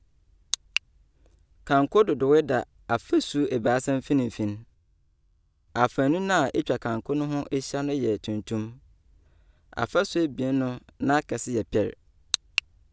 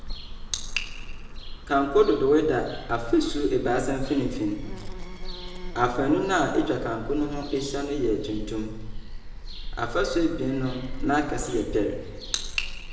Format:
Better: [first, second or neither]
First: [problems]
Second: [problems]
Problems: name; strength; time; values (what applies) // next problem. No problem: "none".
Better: first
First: none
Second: background sound (Bird vocalization, bird call, bird song); 7 dB below the speech // room echo; dies away in 1.1 s